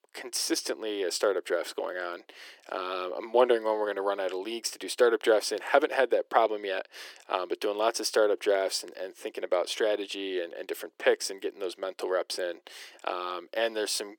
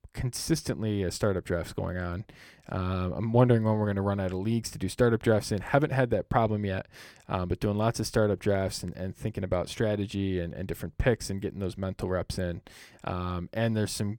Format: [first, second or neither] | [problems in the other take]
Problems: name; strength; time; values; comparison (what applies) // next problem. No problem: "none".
second | thin; very; fading below 350 Hz